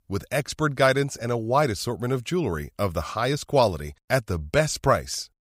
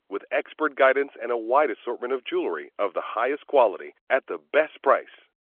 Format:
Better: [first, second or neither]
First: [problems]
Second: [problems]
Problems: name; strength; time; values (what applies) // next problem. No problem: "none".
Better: first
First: none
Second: phone-call audio; nothing above 3.5 kHz